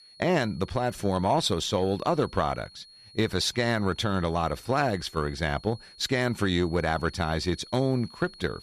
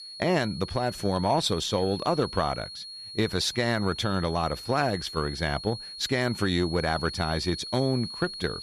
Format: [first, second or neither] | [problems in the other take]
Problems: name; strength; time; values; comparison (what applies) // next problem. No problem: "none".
first | high-pitched whine; loud; throughout; 4.5 kHz, 10 dB below the speech; faint in the first